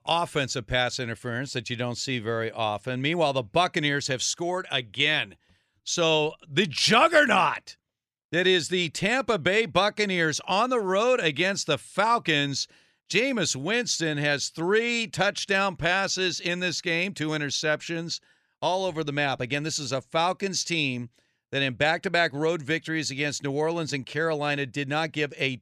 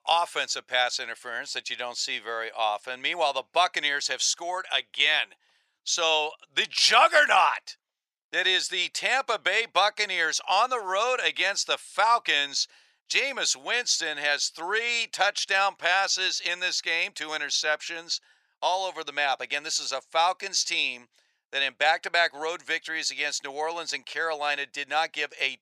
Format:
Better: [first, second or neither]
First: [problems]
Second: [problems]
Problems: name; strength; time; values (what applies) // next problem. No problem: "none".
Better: first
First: none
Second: thin; very; fading below 800 Hz